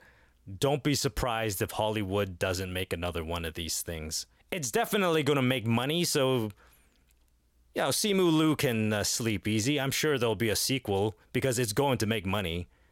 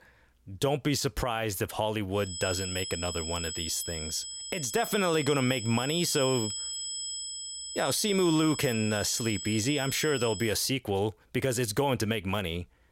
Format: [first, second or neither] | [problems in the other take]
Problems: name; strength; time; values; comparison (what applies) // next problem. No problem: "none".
first | high-pitched whine; loud; from 2.5 to 10 s; 8 kHz, 6 dB below the speech